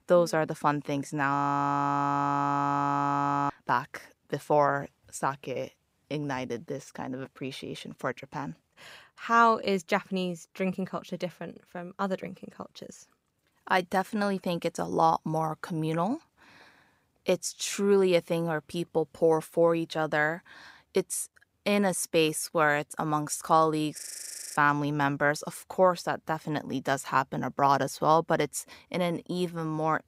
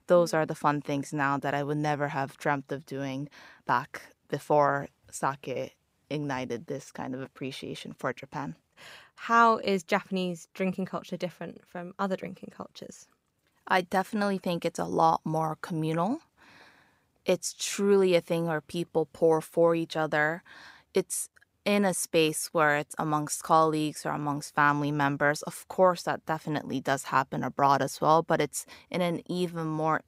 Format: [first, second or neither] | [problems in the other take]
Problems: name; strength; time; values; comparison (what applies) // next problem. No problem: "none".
second | audio freezing; at 1.5 s for 2 s and at 24 s for 0.5 s